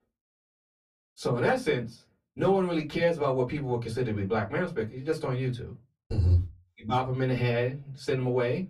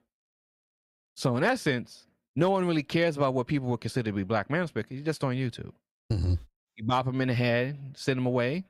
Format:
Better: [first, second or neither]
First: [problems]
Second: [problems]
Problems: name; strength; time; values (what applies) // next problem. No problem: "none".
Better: second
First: off-mic speech; far // room echo; very slight; dies away in 0.2 s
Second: none